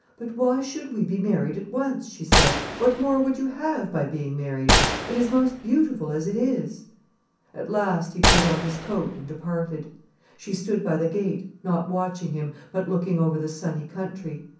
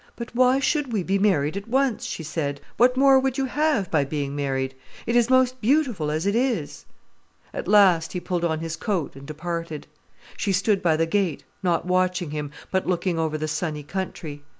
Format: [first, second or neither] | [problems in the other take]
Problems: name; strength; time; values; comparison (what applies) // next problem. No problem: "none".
second | background sound (Gunshot, gunfire); 1 dB above the speech // room echo; dies away in 0.6 s